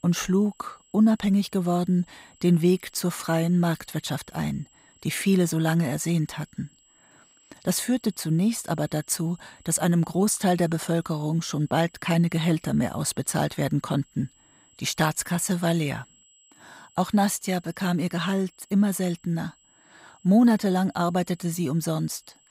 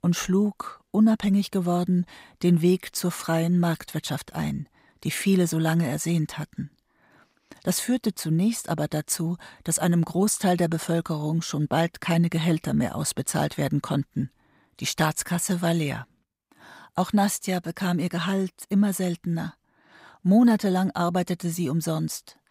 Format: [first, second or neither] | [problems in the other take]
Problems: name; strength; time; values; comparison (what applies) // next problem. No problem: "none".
second | high-pitched whine; faint; throughout; 7.5 kHz, 30 dB below the speech